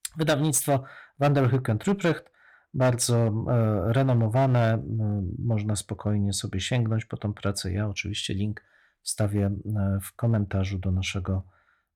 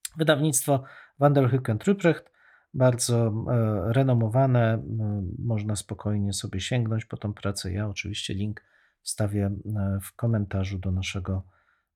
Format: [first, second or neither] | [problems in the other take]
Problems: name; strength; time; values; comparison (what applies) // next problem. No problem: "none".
second | distortion; slight; 5% of the sound clipped